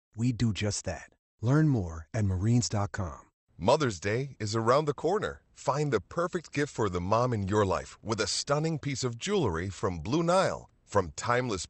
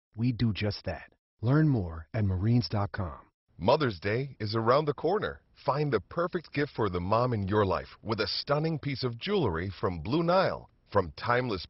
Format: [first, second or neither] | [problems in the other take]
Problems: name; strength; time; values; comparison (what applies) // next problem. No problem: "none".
first | garbled, watery; badly; nothing above 5.5 kHz; slightly in the first